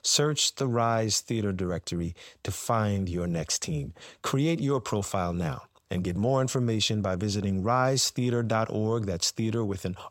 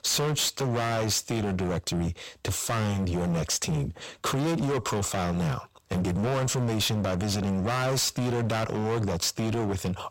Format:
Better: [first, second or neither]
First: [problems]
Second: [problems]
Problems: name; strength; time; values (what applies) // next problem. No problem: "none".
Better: first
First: none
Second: distortion; heavy; 30% of the sound clipped